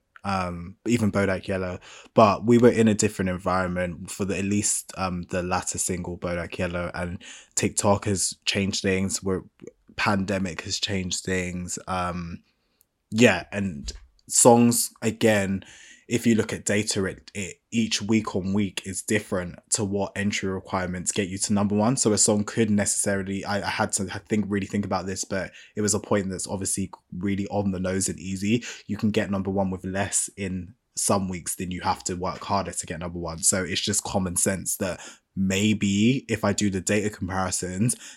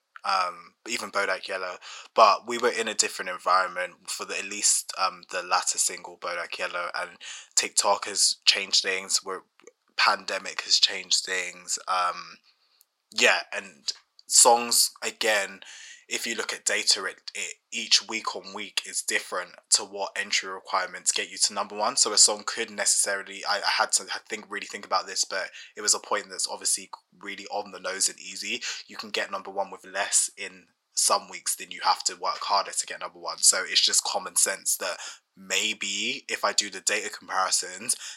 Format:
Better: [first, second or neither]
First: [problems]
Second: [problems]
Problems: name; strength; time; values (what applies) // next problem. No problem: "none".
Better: first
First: none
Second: thin; very; fading below 850 Hz